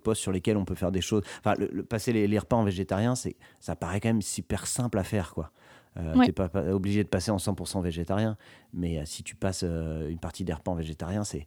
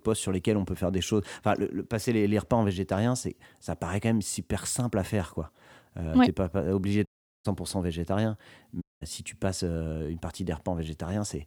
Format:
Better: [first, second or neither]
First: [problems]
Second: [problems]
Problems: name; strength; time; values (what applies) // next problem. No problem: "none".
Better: first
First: none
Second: audio cutting out; at 7 s and at 9 s